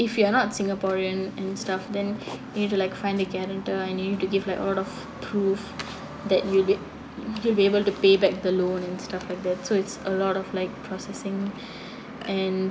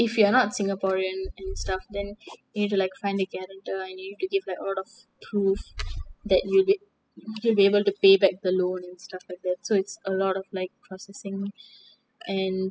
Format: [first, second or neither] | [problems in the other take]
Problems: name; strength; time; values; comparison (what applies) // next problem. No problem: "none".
first | noise reduction (classical method spectral subtraction)